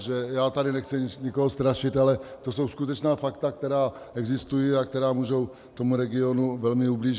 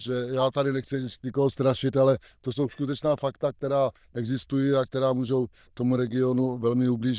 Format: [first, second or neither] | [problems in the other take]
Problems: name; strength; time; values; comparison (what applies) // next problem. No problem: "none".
first | noise reduction (neural diffusion model UNIVERSE++)